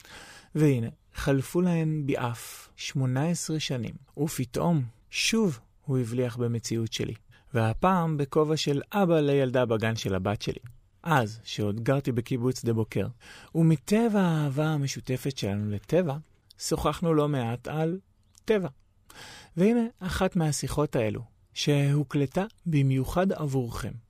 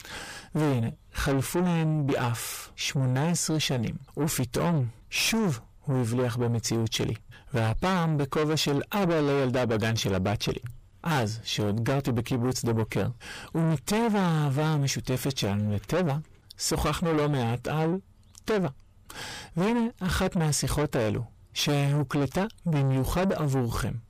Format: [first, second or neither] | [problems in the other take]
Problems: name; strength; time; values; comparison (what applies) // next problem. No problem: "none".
first | distortion; heavy; 6 dB below the speech